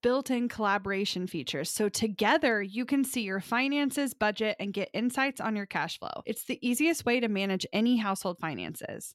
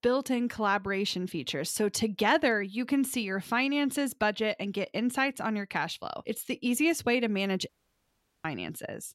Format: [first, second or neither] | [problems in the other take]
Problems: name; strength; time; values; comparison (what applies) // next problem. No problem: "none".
first | audio cutting out; at 7.5 s for 0.5 s